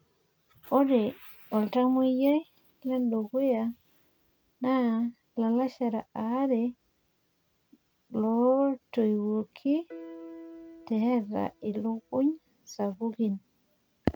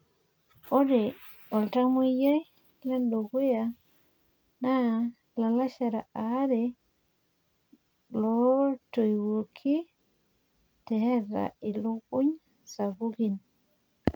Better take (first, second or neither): second